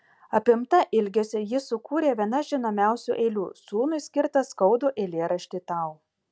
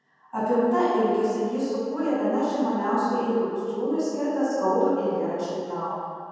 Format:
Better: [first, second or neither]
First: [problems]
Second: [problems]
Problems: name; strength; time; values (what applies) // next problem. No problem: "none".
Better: first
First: none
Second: room echo; dies away in 2.1 s